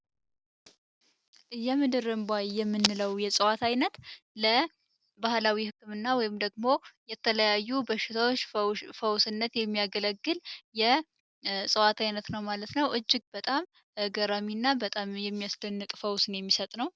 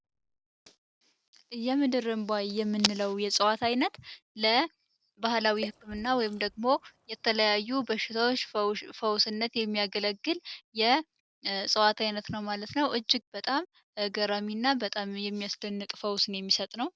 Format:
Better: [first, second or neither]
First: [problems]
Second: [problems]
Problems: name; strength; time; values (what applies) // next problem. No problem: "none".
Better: first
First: none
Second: background sound (Water / Splash, splatter); 19 dB below the speech